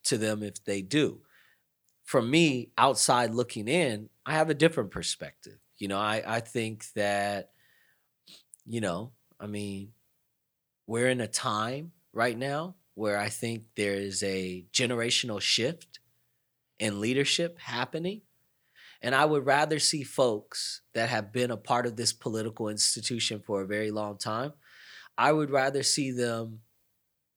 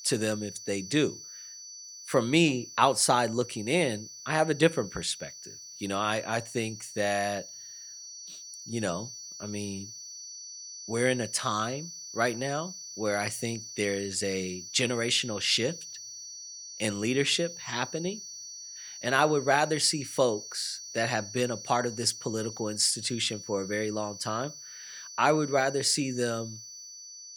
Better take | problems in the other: first | high-pitched whine; noticeable; throughout; 6 kHz, 10 dB below the speech

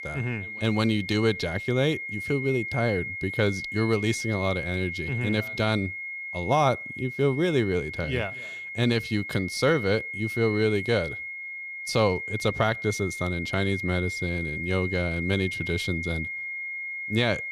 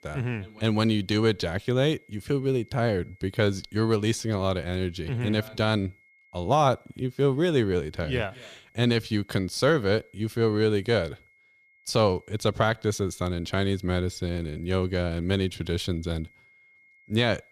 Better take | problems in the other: second | high-pitched whine; loud; throughout; 2 kHz, 6 dB below the speech; faint in the second

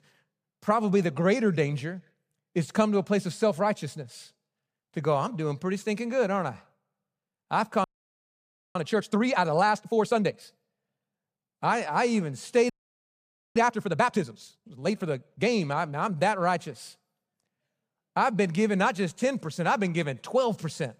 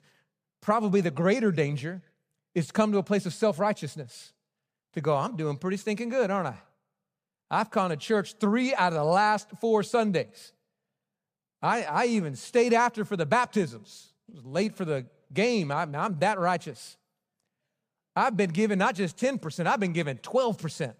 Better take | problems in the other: second | audio freezing; at 8 s for 1 s and at 13 s for 1 s

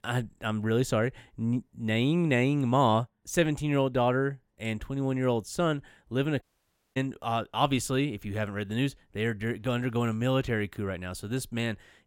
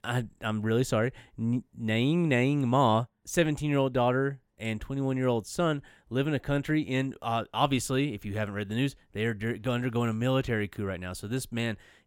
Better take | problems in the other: second | audio cutting out; at 6.5 s for 0.5 s

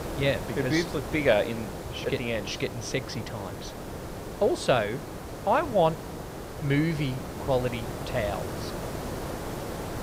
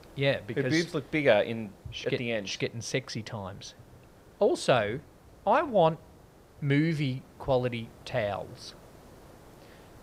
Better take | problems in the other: second | hiss; loud; throughout; 8 dB below the speech; faint in the second

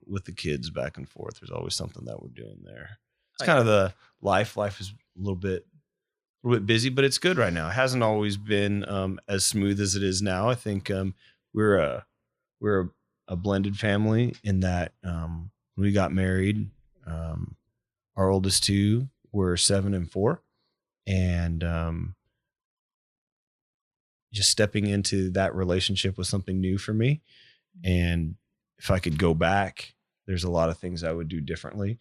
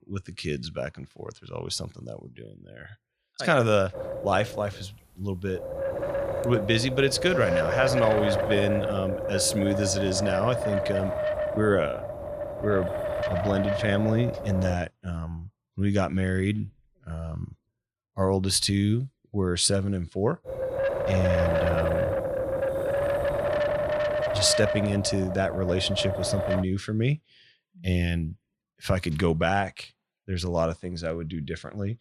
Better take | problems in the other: first | wind noise on the microphone; heavy; from 4 to 15 s and from 20 to 27 s; 1 dB above the speech

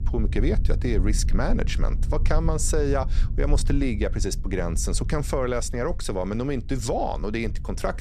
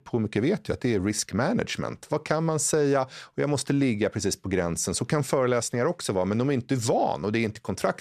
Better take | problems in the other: second | low rumble; noticeable; throughout; 20 dB below the speech

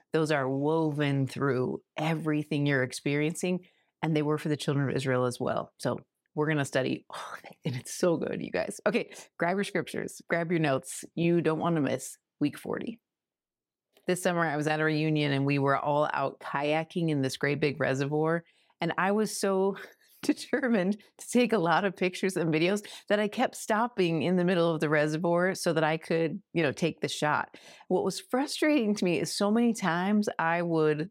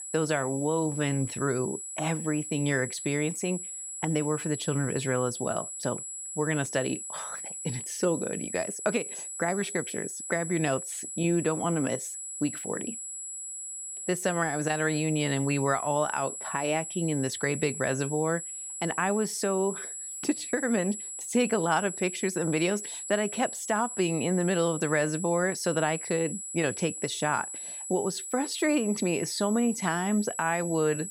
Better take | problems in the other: first | high-pitched whine; loud; throughout; 7.5 kHz, 6 dB below the speech

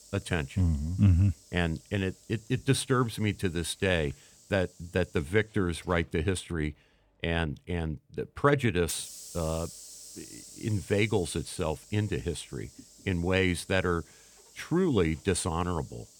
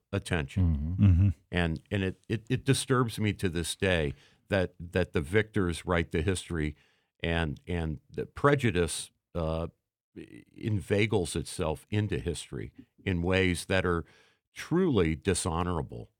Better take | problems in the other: second | hiss; noticeable; throughout; 20 dB below the speech

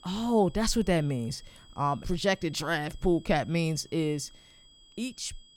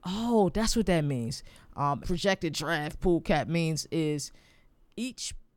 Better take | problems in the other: second | high-pitched whine; faint; throughout; 3.5 kHz, 25 dB below the speech

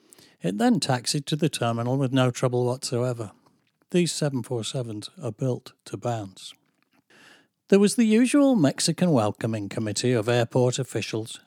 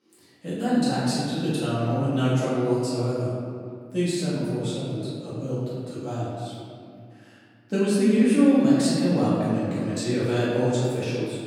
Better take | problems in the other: first | room echo; strong; dies away in 2.3 s // off-mic speech; far

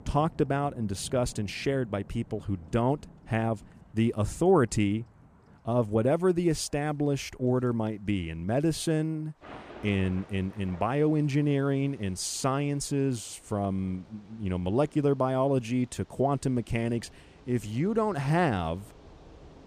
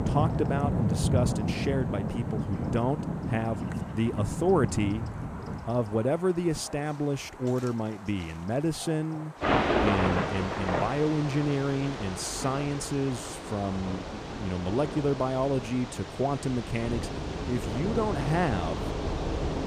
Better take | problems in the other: first | rain or running water; loud; throughout; 2 dB below the speech; faint in the first

